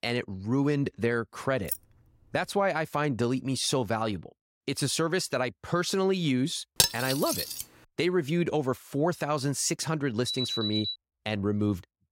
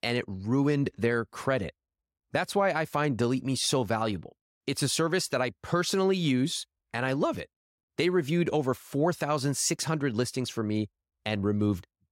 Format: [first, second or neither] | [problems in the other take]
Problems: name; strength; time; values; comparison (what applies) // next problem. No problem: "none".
second | jangling keys; noticeable; at 1.5 s; peak 5 dB below the speech // clattering dishes; loud; at 7 s; peak 5 dB above the speech // alarm; noticeable; at 10 s; peak 1 dB below the speech